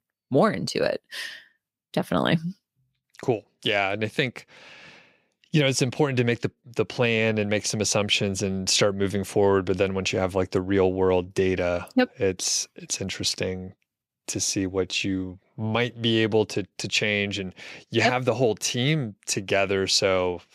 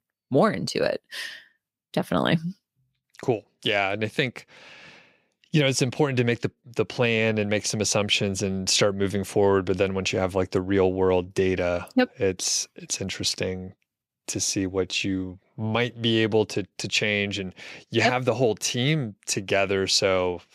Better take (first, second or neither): neither